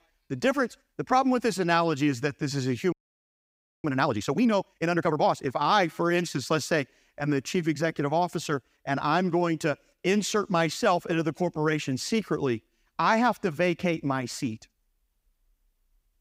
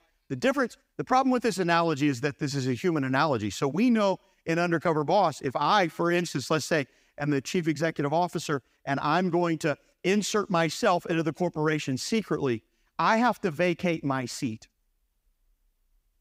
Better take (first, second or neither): second